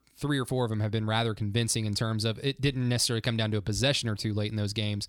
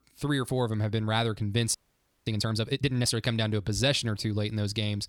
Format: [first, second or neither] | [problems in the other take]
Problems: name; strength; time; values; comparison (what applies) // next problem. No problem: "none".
first | audio freezing; at 2 s for 0.5 s